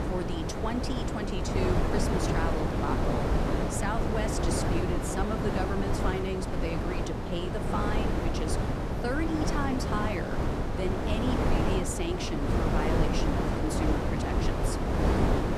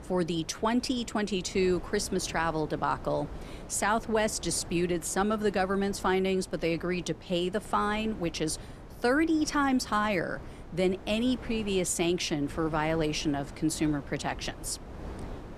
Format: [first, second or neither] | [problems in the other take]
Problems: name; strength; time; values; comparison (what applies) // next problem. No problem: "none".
second | wind noise on the microphone; heavy; 3 dB above the speech; occasional gusts in the second